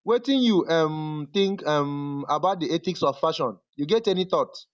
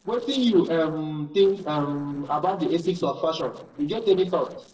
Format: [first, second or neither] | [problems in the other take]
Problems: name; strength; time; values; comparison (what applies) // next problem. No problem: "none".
first | noise reduction (neural separator model SepFormer DNS4)